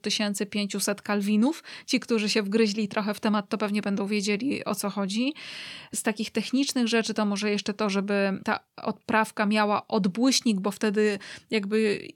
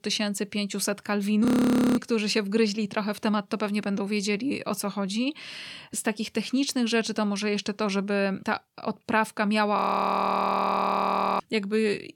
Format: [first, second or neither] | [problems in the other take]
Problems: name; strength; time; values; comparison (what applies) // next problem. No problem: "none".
first | audio freezing; at 1.5 s for 0.5 s and at 10 s for 1.5 s